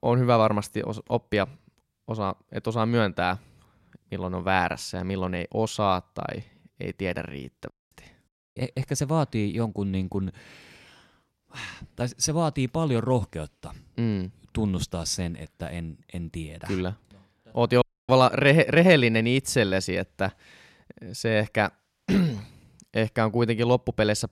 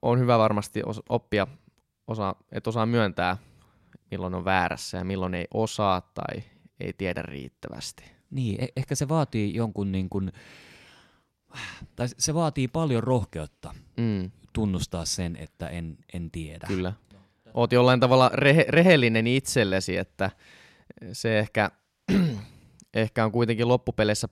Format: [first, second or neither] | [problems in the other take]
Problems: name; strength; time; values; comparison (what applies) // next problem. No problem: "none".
second | audio cutting out; at 7.5 s, at 8.5 s and at 18 s